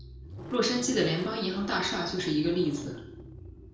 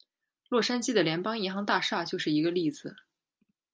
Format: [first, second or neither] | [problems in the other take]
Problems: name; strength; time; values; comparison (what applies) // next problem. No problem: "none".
second | background sound (Engine starting / Car); 11 dB below the speech // room echo; dies away in 0.5 s